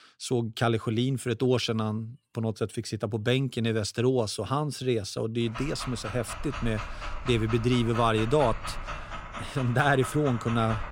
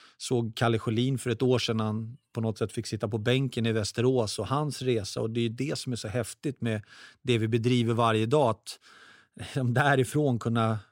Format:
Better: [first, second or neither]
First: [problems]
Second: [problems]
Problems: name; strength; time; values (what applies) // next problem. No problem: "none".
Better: second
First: dog barking; noticeable; from 5.5 s on; peak 8 dB below the speech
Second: none